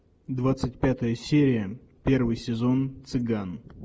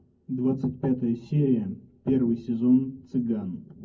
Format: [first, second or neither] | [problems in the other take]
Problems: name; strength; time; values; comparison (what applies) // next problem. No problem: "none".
first | room echo; dies away in 0.3 s